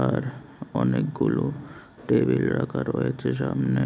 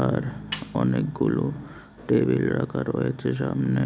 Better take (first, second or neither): first